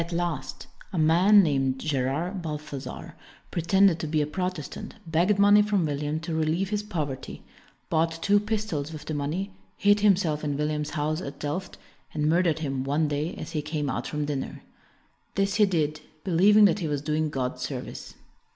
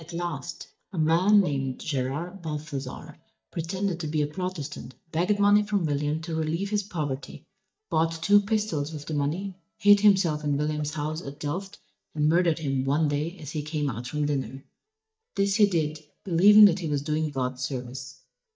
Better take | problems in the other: first | noise reduction (neural mask model DeepFilterNet 3)

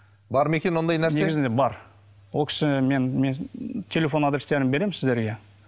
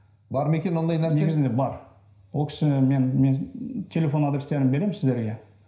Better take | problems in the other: first | room echo; dies away in 0.5 s

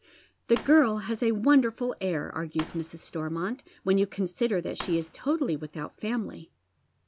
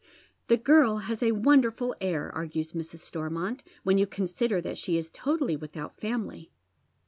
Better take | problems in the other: second | background sound (Fireworks); 19 dB below the speech

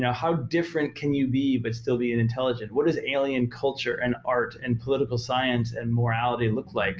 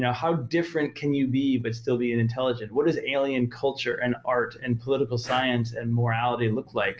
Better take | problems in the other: first | noise reduction (neural separator model SepFormer DNS4)

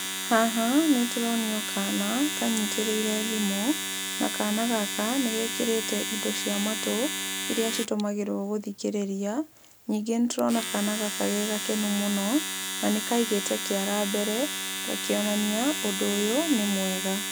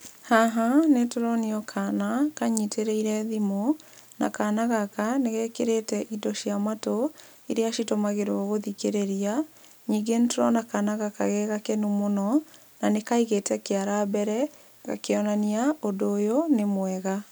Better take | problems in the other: second | background sound (Domestic sounds, home sounds); 4 dB below the speech

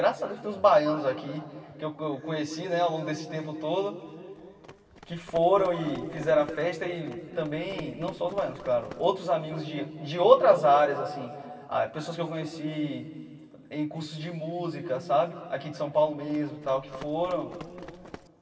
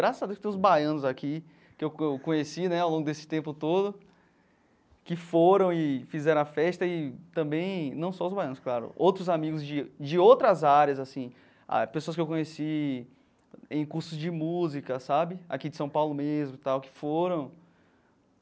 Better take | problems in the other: second | background sound (Run); 20 dB below the speech // room echo; dies away in 2.5 s

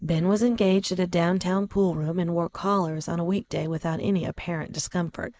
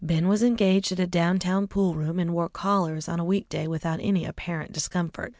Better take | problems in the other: second | noise reduction (neural mask model Resemble Enhance denoiser)

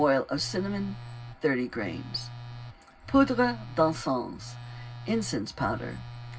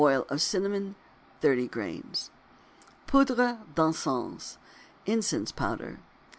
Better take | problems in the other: second | background sound (Telephone); 13 dB below the speech // room echo; dies away in 0.4 s

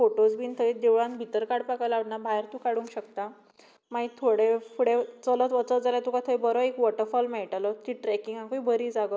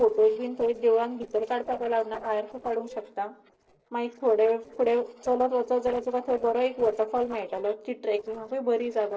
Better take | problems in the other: first | noise reduction (neural separator model SepFormer DNS4)

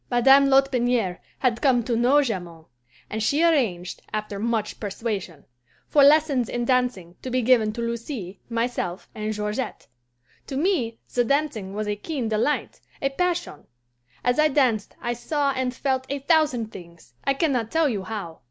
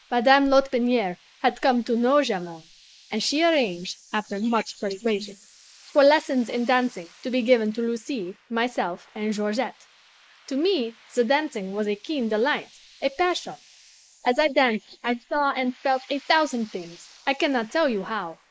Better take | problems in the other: first | noise reduction (neural mask model Resemble Enhance denoiser)

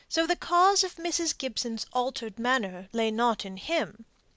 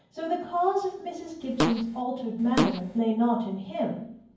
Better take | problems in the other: first | background sound (Fart); 1 dB below the speech // room echo; dies away in 0.9 s

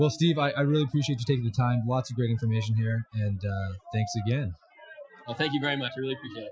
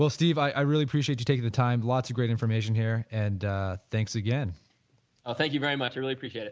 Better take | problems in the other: second | noise reduction (classical method Wiener filter)

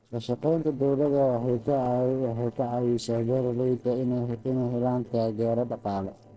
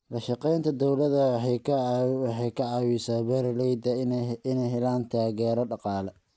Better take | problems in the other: second | noise reduction (neural separator model SepFormer DNS4)

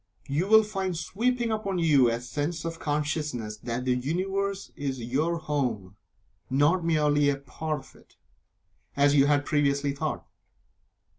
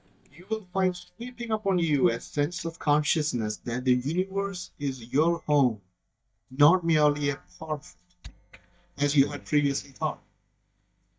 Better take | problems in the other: first | noise reduction (neural mask model DeepFilterNet 3)

